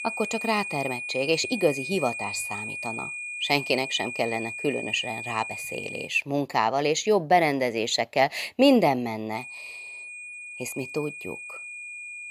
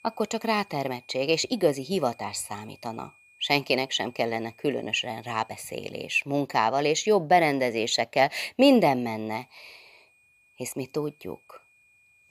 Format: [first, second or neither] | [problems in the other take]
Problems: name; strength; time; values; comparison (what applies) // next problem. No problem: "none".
second | high-pitched whine; loud; until 6 s and from 9.5 s on; 2.5 kHz, 8 dB below the speech; faint in the second